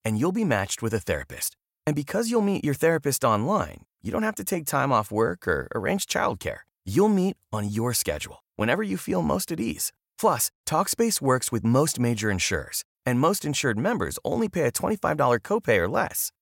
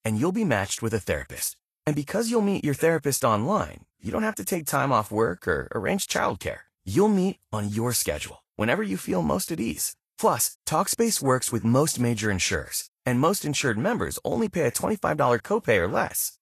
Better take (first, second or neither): first